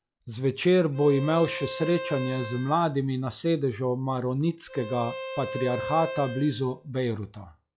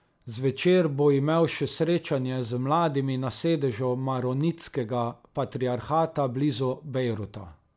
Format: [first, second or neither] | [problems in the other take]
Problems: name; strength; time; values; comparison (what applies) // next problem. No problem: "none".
second | noise reduction (classical method log-MMSE)